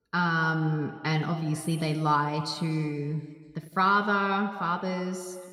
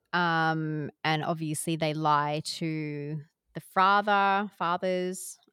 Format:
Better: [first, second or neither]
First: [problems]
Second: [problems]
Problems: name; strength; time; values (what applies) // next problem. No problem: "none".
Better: second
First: room echo; noticeable; dies away in 1.5 s // off-mic speech; somewhat distant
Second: none